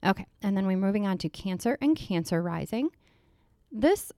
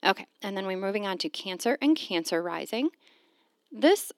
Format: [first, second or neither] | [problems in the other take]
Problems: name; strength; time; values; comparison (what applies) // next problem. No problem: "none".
first | thin; very slightly; fading below 250 Hz